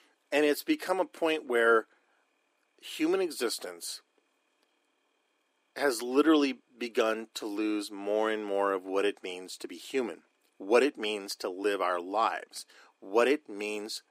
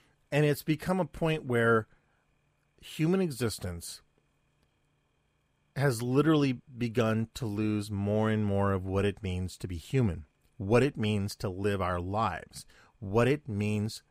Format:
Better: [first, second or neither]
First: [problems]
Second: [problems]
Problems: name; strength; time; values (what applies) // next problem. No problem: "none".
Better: second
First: thin; somewhat; fading below 300 Hz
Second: none